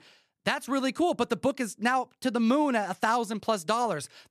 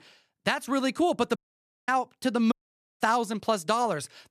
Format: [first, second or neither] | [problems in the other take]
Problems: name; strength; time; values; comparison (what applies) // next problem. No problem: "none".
first | audio cutting out; at 1.5 s for 0.5 s and at 2.5 s